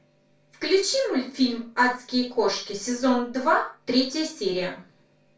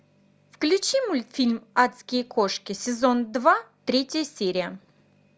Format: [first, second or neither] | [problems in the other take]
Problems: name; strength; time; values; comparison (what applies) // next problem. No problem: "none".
second | room echo; dies away in 0.3 s